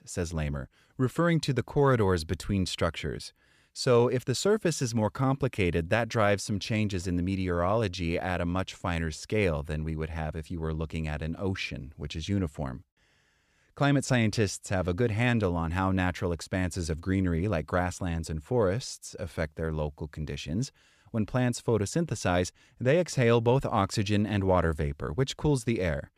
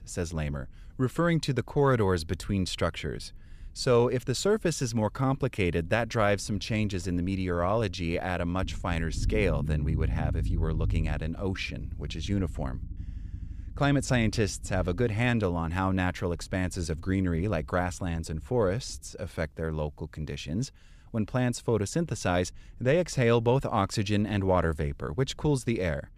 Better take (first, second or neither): first